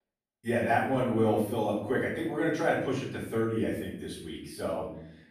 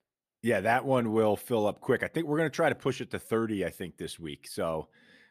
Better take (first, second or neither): second